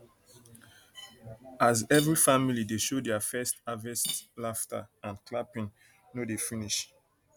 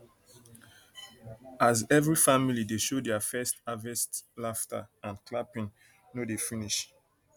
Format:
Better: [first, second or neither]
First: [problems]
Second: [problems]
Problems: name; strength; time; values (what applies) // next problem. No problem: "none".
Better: second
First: background sound (Cutlery, silverware / Dishes, pots, and pans); 14 dB below the speech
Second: none